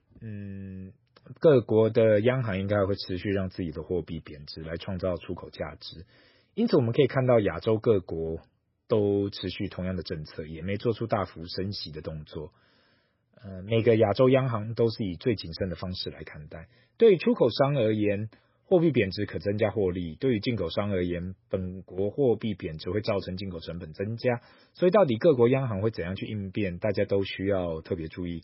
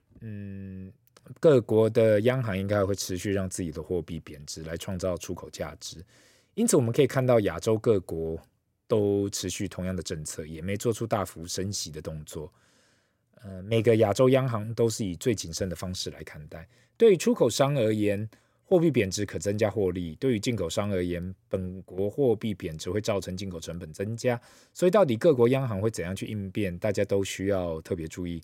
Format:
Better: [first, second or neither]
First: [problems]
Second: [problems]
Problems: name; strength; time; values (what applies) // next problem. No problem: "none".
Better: second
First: garbled, watery; badly; nothing above 5.5 kHz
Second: none